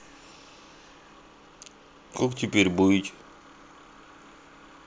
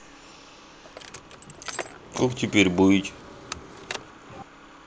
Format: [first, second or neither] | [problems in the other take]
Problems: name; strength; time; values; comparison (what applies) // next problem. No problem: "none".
first | background sound (Car); 13 dB below the speech